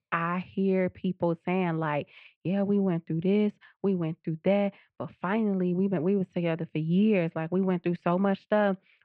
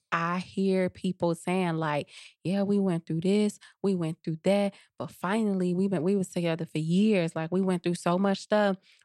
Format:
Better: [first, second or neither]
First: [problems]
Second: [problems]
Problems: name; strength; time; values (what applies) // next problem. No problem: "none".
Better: second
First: muffled; very; fading above 2.5 kHz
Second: none